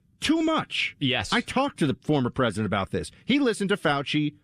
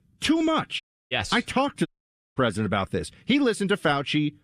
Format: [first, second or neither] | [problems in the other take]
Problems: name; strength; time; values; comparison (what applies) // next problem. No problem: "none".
first | audio cutting out; at 1 s and at 2 s